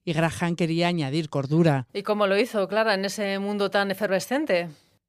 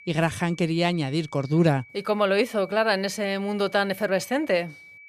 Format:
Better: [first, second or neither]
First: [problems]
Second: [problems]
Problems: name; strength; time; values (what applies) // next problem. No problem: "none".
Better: first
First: none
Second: high-pitched whine; faint; throughout; 2.5 kHz, 20 dB below the speech